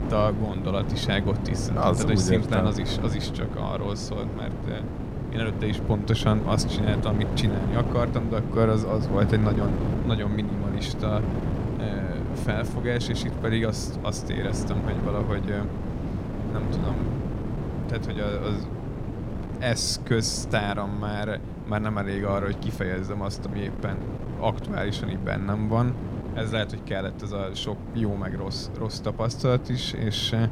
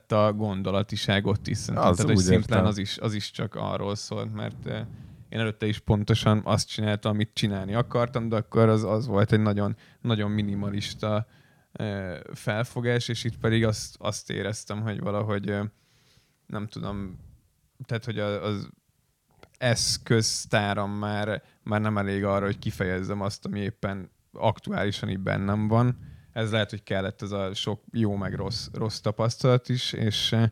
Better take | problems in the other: second | wind noise on the microphone; heavy; 7 dB below the speech

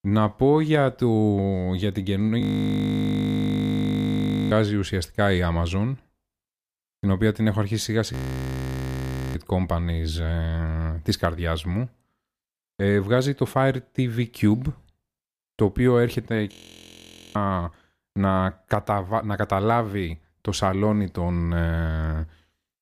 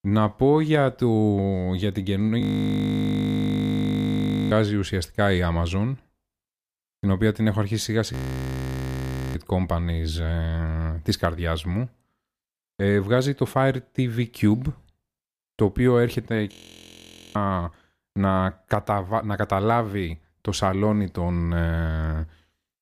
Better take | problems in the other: neither | audio freezing; at 2.5 s for 2 s, at 8 s for 1 s and at 17 s for 1 s; the same in both

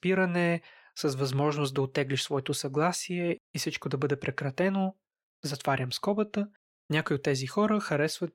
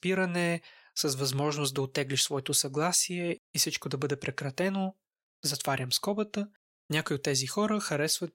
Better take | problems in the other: second | muffled; slightly; fading above 3.5 kHz

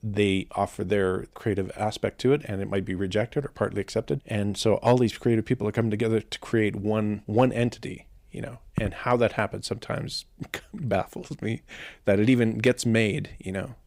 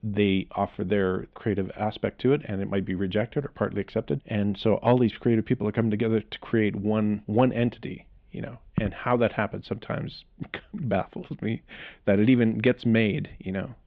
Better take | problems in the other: first | muffled; very; fading above 3.5 kHz

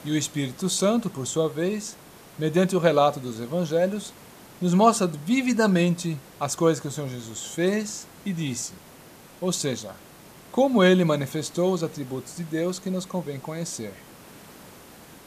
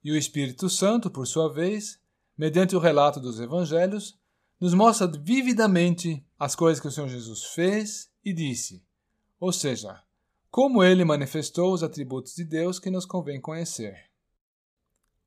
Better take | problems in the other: second | hiss; faint; throughout; 20 dB below the speech

